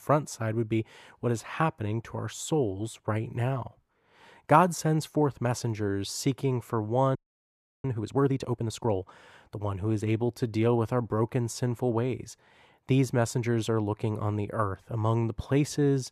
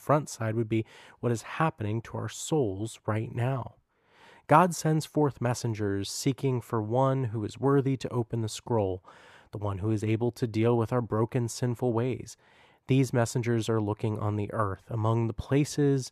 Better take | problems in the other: second | audio freezing; at 7 s for 0.5 s

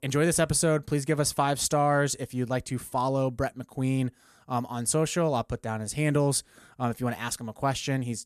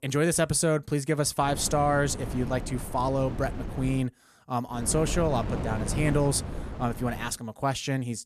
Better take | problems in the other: first | wind noise on the microphone; occasional gusts; from 1.5 to 4 s and from 5 to 7.5 s; 10 dB below the speech

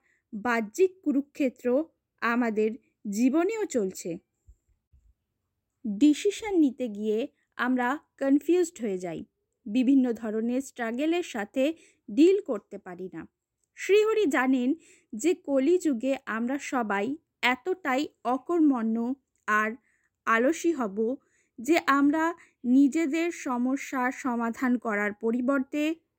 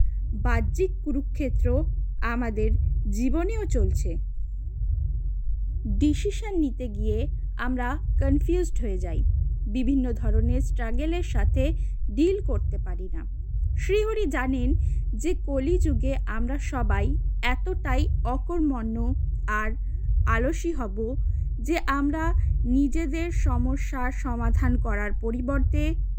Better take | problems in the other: first | low rumble; noticeable; throughout; 15 dB below the speech

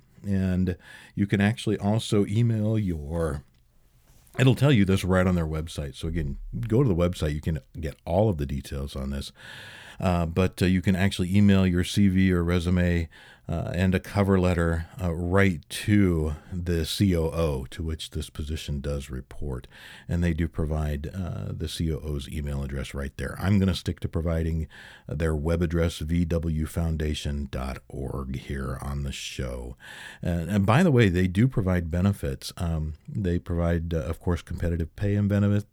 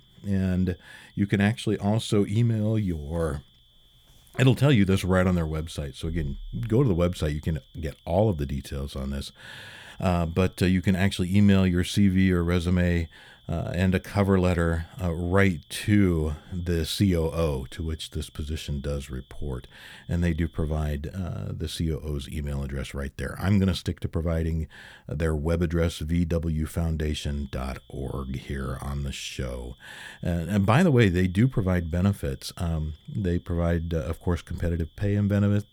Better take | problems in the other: first | high-pitched whine; faint; until 21 s and from 27 s on; 3.5 kHz, 30 dB below the speech

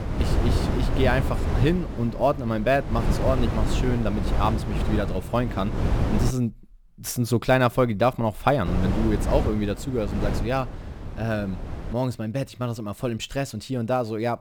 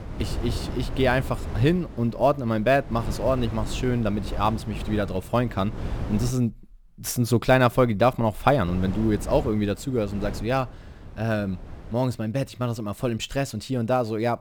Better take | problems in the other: second | wind noise on the microphone; heavy; until 6.5 s and from 8.5 to 12 s; 7 dB below the speech; occasional gusts in the second

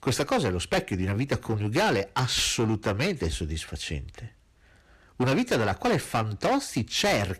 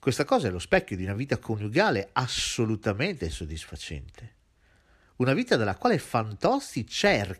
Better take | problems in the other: second | distortion; heavy; 11% of the sound clipped

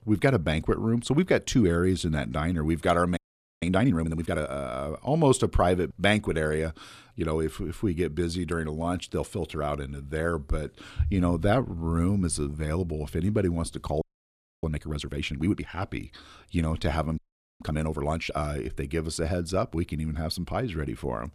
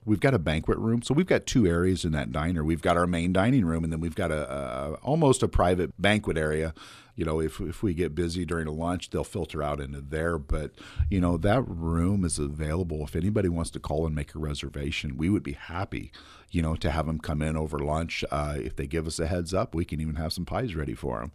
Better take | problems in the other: second | audio freezing; at 3 s, at 14 s for 0.5 s and at 17 s

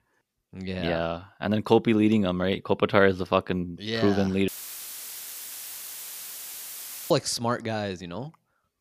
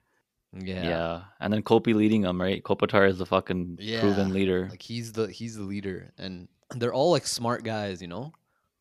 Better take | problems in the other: second | audio cutting out; filled with static; at 4.5 s for 2.5 s

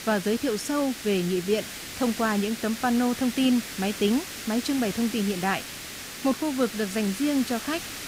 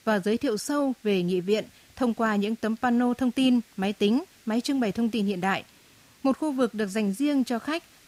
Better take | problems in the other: second | hiss; loud; throughout; 9 dB below the speech; faint in the second

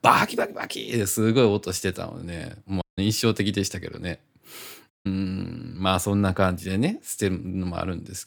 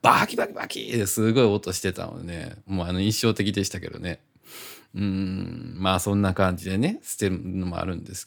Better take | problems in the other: second | audio cutting out; at 3 s and at 5 s

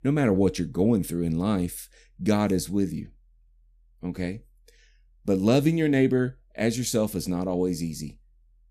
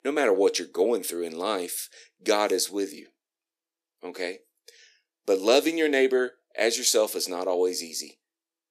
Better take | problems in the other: first | thin; very; fading below 350 Hz

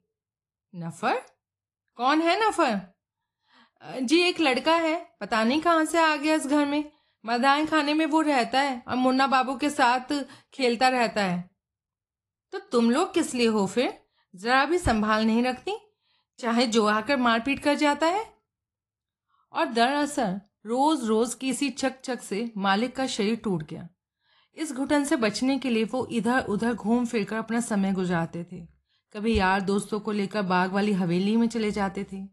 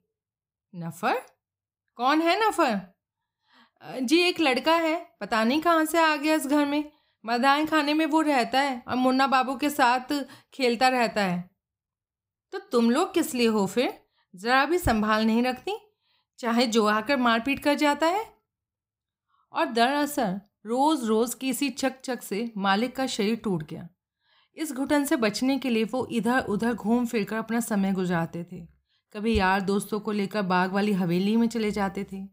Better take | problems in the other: second | garbled, watery; slightly; nothing above 11 kHz

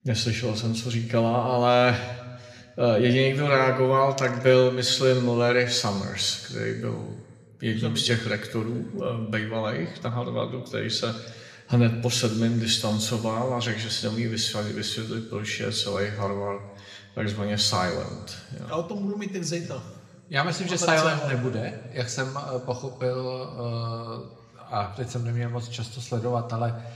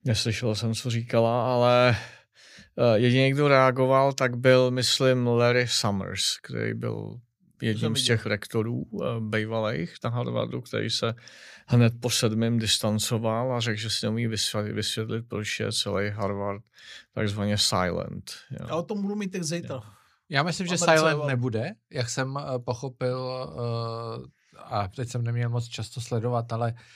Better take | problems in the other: second | room echo; slight; dies away in 1.4 s

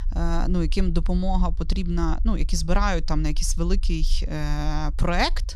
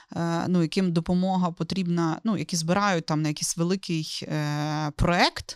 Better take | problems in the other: second | low rumble; faint; throughout; 25 dB below the speech

